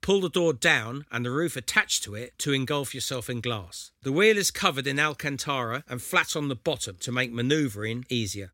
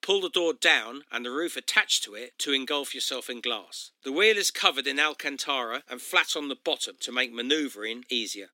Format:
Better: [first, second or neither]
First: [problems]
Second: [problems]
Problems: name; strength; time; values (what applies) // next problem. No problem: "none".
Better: first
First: none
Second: thin; very slightly; fading below 250 Hz